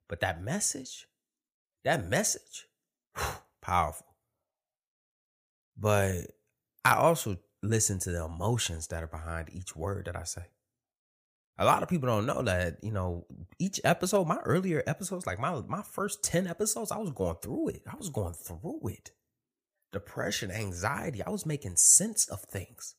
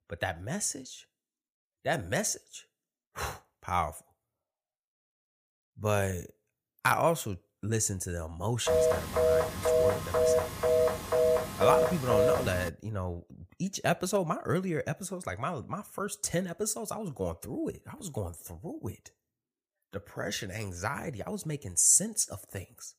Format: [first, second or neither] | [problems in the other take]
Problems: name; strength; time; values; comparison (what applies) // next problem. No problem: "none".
first | phone ringing; loud; from 8.5 to 13 s; peak 5 dB above the speech